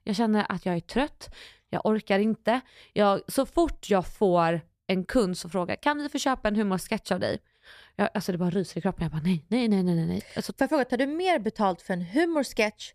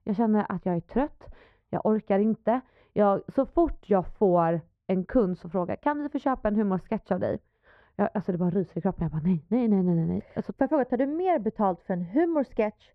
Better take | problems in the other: first | muffled; very; fading above 3.5 kHz

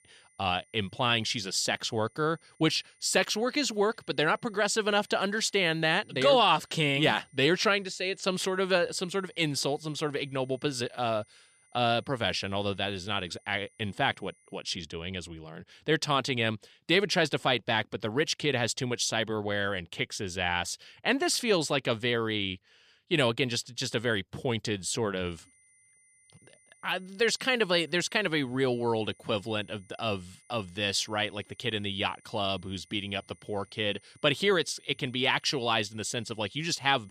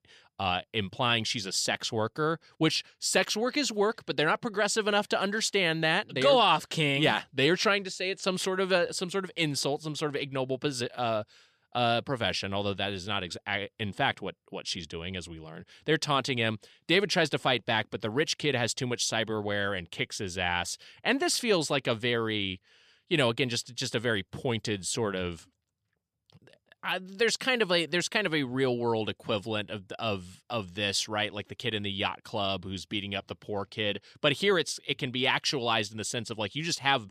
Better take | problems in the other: second | high-pitched whine; faint; until 15 s and from 25 s on; 2 kHz, 30 dB below the speech

